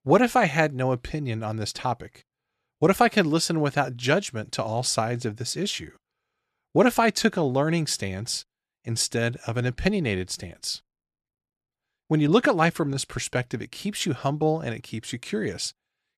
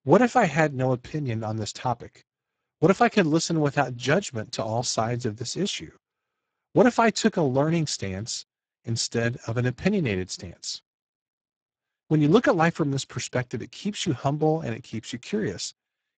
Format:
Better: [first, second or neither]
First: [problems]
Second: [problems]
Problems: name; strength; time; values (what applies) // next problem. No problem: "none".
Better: first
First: none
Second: garbled, watery; badly; nothing above 8 kHz